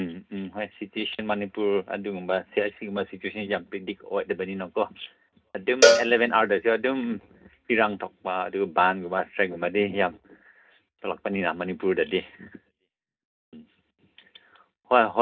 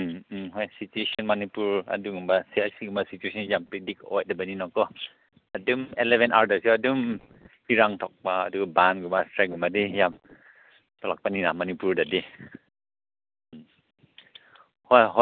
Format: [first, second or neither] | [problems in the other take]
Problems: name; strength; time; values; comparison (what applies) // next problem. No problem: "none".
second | background sound (Cowbell); 3 dB above the speech // room echo; dies away in 0.3 s